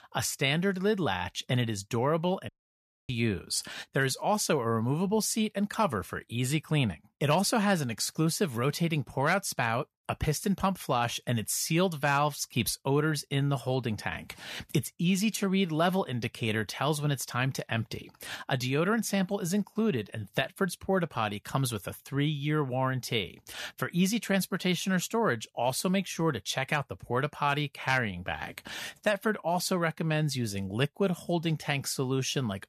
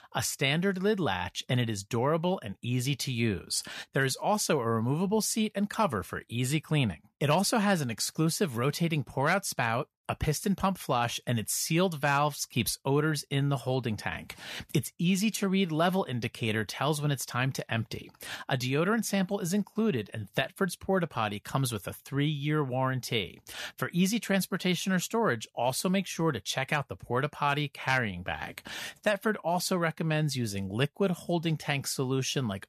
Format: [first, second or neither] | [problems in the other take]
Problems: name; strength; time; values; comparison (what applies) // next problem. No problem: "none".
second | audio cutting out; at 2.5 s for 0.5 s